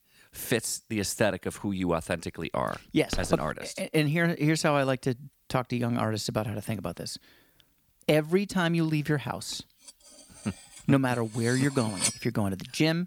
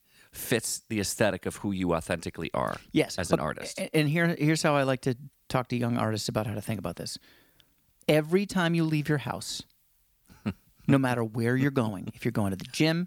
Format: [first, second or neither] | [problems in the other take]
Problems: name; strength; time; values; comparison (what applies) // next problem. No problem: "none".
second | footsteps; noticeable; at 3 s; peak 9 dB below the speech // clattering dishes; loud; at 11 s; peak level with the speech